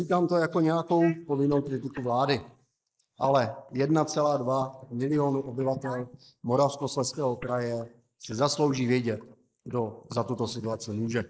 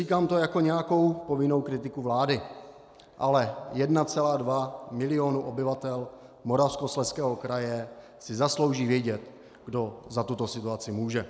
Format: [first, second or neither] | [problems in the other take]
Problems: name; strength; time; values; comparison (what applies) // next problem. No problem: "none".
second | noise reduction (neural mask model Resemble Enhance denoiser)